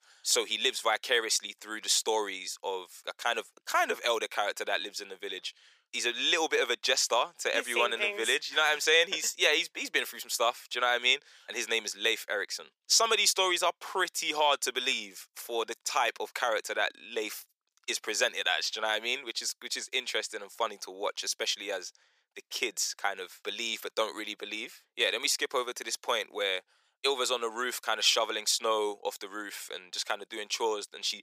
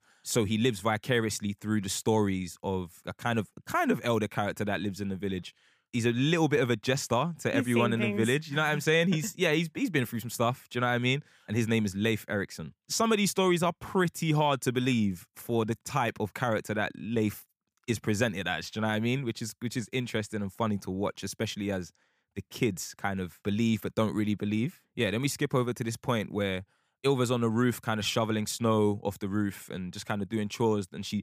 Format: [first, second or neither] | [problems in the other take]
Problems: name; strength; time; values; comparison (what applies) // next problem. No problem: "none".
second | thin; very; fading below 450 Hz